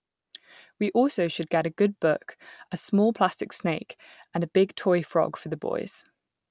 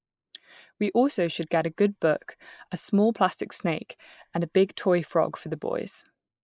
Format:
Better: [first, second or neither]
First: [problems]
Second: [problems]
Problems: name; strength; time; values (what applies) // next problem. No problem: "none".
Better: first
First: none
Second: noise reduction (neural mask model Resemble Enhance denoiser)